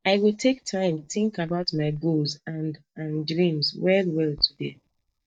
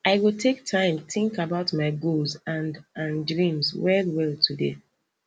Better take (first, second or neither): second